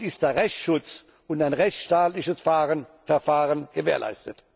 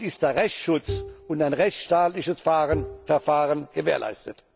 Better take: first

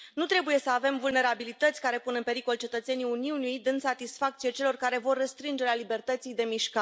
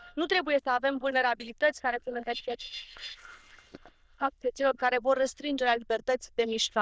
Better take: first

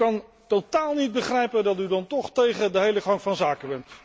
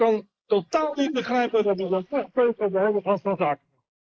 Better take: first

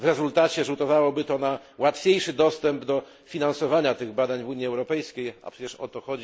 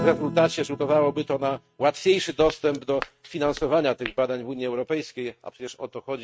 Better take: first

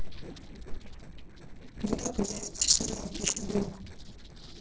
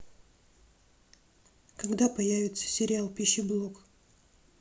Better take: second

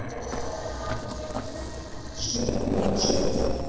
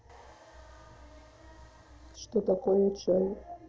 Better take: second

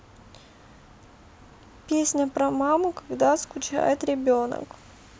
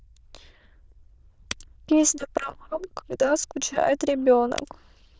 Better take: first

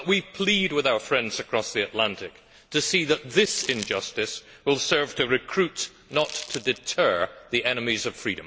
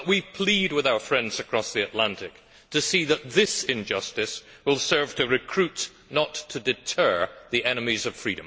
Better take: second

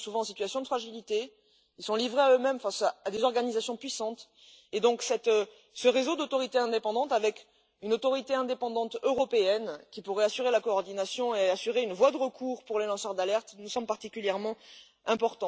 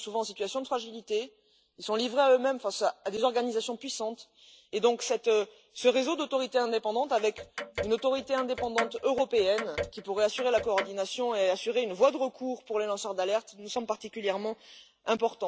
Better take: first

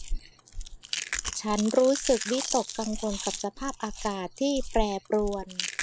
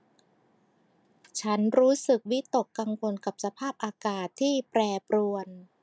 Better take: second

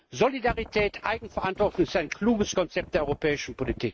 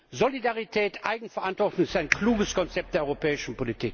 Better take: second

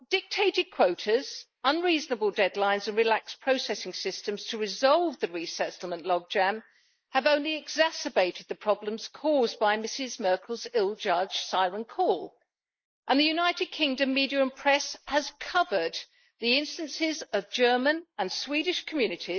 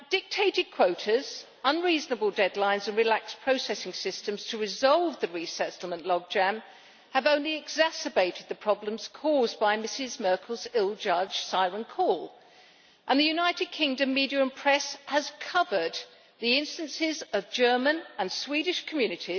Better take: second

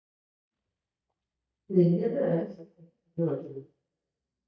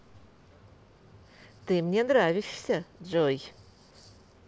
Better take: second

